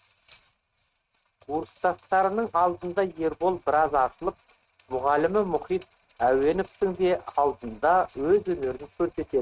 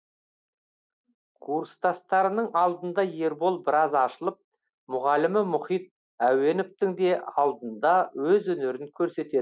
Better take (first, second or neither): second